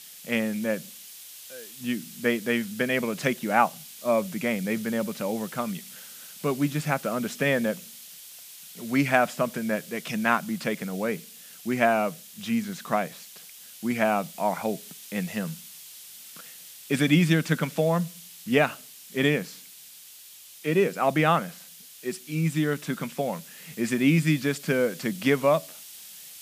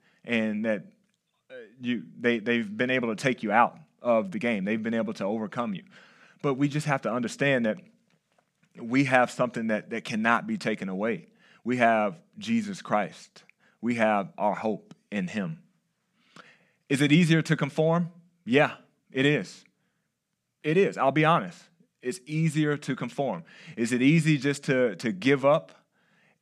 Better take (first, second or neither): second